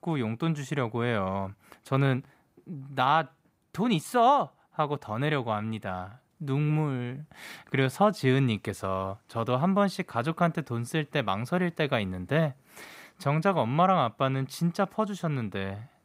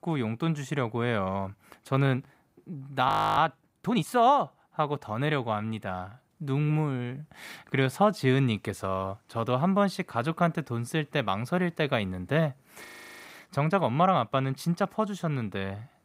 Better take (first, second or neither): first